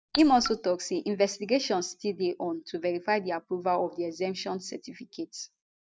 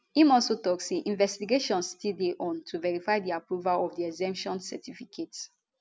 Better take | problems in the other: second | noise reduction (neural mask model DeepFilterNet 3)

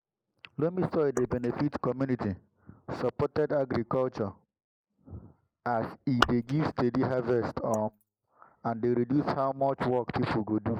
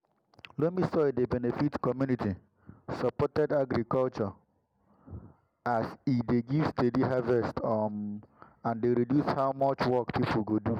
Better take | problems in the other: second | noise reduction (neural mask model Resemble Enhance denoiser)

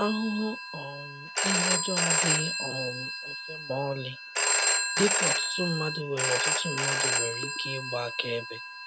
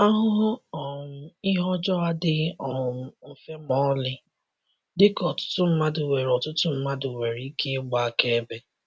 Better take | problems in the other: second | background sound (Telephone); 4 dB above the speech

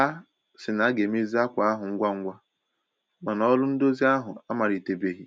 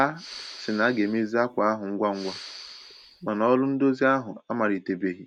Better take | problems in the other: first | background sound (Respiratory sounds); 18 dB below the speech

